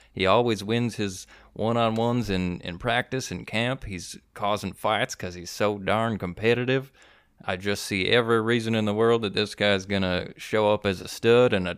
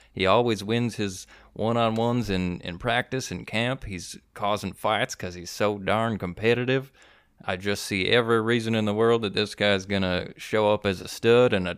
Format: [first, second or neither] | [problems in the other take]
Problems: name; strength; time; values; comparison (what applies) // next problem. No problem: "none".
neither | none